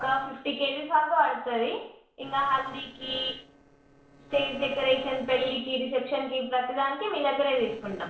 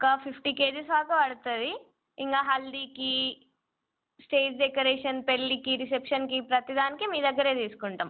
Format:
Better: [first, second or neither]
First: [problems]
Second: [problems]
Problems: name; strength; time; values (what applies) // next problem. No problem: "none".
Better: second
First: noise reduction (neural separator model SepFormer DNS4)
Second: none